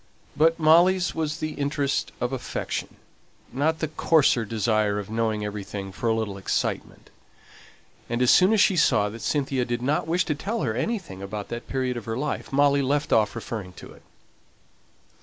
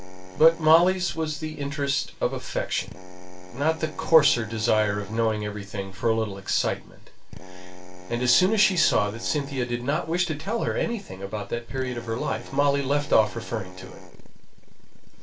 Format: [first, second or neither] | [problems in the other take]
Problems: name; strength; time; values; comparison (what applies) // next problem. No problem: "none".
first | background sound (Drill); 19 dB below the speech // room echo; dies away in 0.2 s